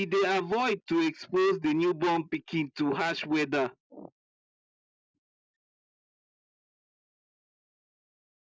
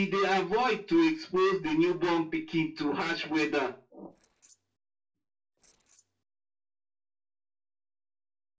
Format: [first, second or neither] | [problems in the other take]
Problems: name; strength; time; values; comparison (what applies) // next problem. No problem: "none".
first | noise reduction (neural separator model SepFormer DNS4)